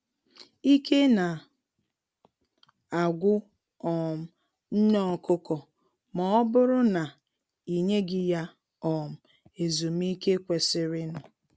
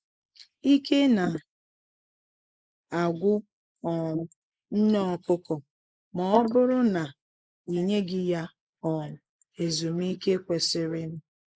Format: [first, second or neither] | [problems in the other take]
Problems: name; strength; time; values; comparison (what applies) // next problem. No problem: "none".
first | noise reduction (neural mask model Resemble Enhance denoiser)